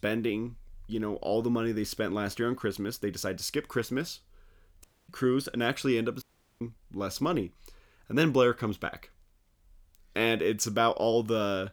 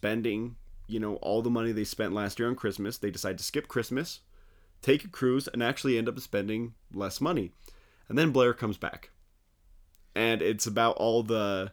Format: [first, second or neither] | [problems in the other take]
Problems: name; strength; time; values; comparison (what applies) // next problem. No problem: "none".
second | audio cutting out; at 5 s and at 6 s